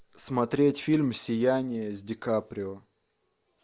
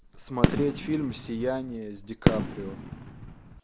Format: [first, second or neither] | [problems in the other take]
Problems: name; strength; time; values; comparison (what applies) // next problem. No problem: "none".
first | background sound (Fireworks); 2 dB above the speech